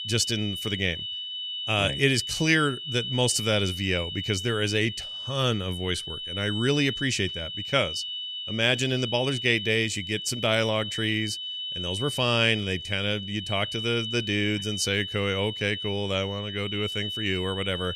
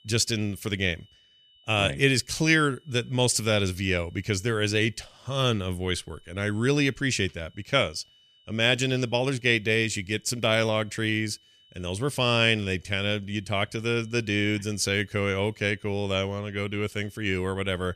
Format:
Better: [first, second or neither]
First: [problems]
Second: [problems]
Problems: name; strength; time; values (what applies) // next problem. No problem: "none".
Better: second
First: high-pitched whine; loud; throughout; 3 kHz, 5 dB below the speech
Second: high-pitched whine; faint; throughout; 3 kHz, 30 dB below the speech